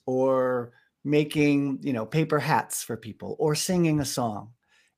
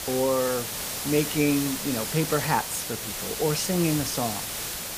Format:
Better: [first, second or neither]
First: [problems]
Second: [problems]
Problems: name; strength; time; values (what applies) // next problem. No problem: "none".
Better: first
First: none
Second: hiss; loud; throughout; 3 dB below the speech